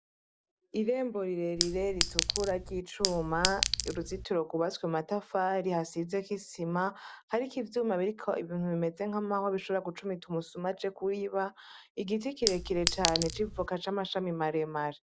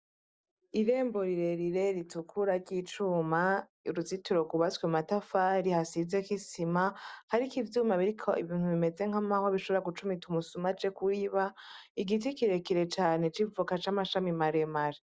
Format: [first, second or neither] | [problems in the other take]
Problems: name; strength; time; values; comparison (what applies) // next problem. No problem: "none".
second | background sound (Chink, clink); as loud as the speech